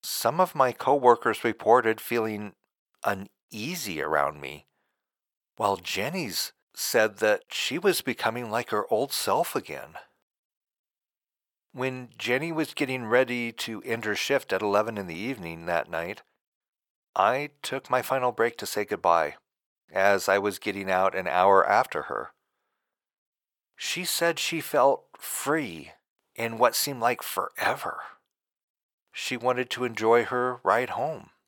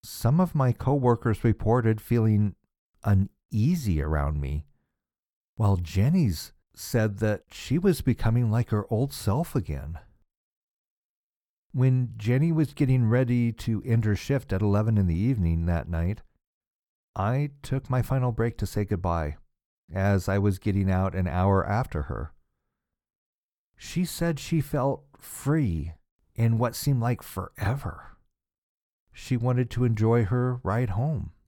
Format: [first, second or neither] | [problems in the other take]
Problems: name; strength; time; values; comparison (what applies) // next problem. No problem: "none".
second | thin; very; fading below 600 Hz